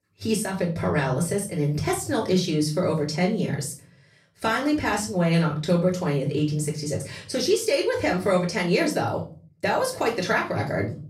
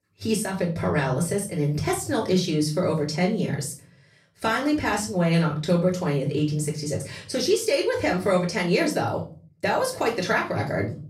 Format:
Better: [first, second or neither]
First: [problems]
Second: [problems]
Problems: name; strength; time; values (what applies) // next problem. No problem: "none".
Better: neither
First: off-mic speech; far // room echo; slight; dies away in 0.4 s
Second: off-mic speech; far // room echo; slight; dies away in 0.4 s